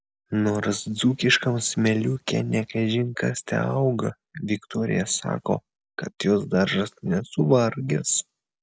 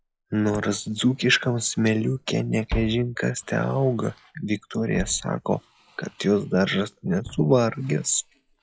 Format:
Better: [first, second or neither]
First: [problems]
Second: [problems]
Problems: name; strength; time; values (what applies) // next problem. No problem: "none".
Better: first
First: none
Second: noise reduction (classical method log-MMSE)